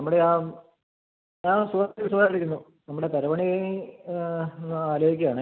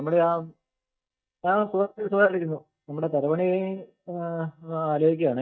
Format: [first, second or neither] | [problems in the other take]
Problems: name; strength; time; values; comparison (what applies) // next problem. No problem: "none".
first | noise reduction (neural mask model DeepFilterNet 3)